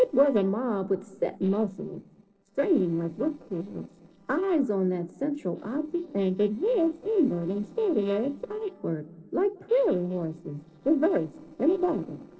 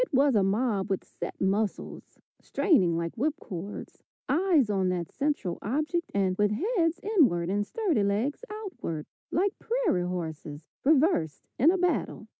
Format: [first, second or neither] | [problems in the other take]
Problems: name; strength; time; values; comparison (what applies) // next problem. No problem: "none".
second | noise reduction (neural separator model SepFormer DNS4)